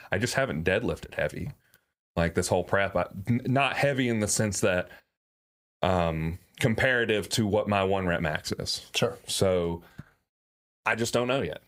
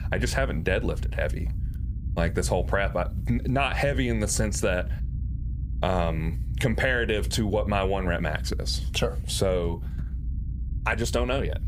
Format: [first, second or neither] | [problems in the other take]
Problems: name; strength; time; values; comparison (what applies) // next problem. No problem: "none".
first | low rumble; faint; throughout; 20 dB below the speech